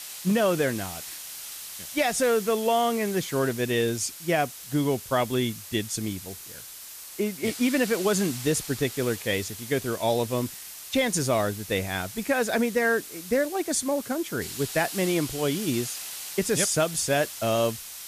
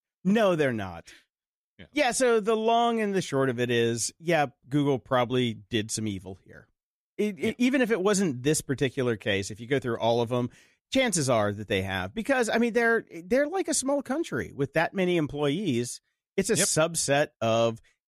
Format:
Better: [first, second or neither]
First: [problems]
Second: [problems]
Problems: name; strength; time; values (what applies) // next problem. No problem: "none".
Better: second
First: hiss; noticeable; throughout; 10 dB below the speech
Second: none